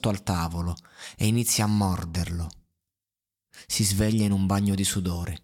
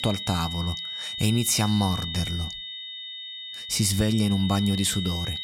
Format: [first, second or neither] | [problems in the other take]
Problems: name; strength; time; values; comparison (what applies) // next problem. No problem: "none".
first | high-pitched whine; loud; throughout; 3.5 kHz, 7 dB below the speech